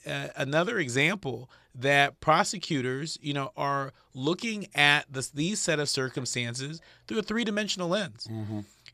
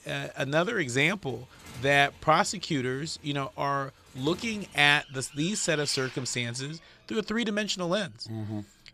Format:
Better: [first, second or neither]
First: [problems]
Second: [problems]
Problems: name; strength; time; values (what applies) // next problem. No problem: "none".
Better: first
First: none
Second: traffic noise; faint; throughout; 20 dB below the speech